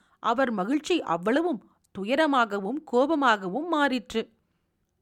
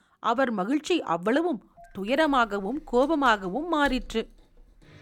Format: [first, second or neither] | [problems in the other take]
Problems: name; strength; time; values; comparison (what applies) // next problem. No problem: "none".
first | traffic noise; faint; from 2 s on; 25 dB below the speech